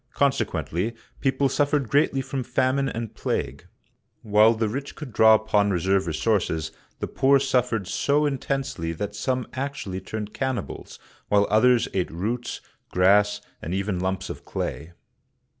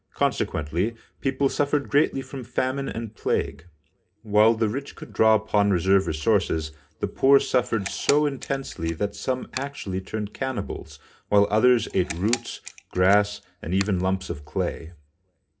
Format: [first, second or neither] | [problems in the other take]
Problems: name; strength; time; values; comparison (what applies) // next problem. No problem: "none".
first | background sound (Camera); 15 dB below the speech // room echo; dies away in 0.3 s